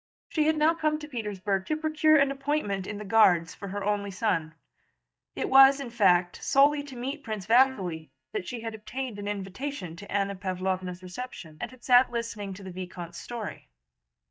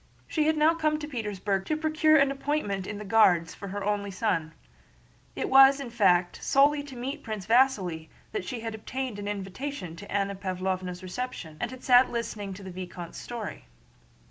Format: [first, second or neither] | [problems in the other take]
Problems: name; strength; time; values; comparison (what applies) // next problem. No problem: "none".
second | noise reduction (neural mask model DeepFilterNet 3)